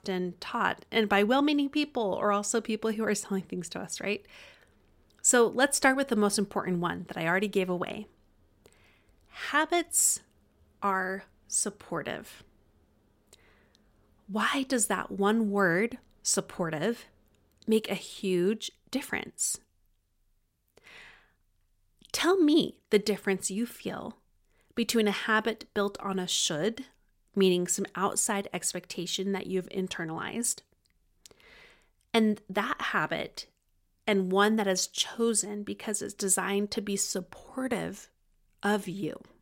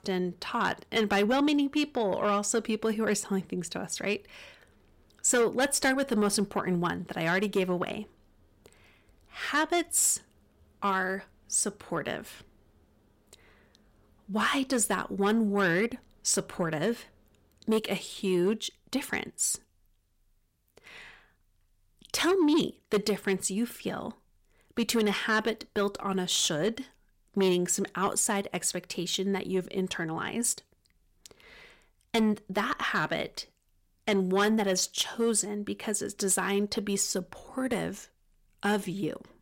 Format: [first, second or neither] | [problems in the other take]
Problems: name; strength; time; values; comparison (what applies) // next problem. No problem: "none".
first | distortion; slight; 10 dB below the speech